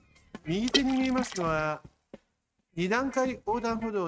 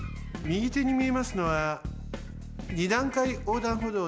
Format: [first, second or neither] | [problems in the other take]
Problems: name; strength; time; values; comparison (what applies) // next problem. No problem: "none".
second | noise reduction (neural mask model RNNoise)